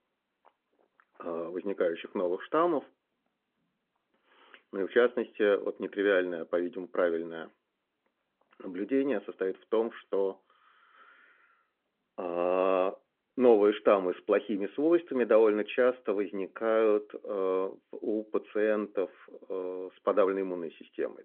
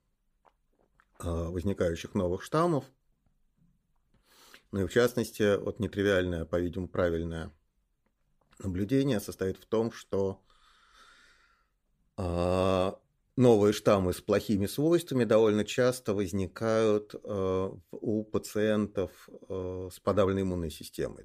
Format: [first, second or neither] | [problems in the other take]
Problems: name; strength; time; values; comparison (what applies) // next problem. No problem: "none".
second | phone-call audio